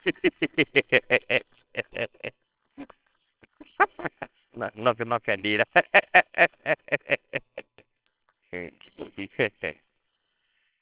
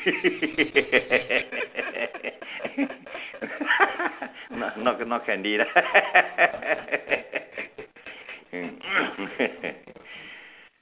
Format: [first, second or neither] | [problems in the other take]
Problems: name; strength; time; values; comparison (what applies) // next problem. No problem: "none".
second | noise reduction (neural separator model SepFormer WHAMR!)